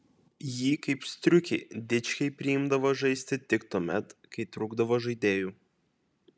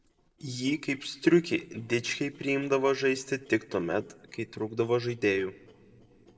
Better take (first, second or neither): first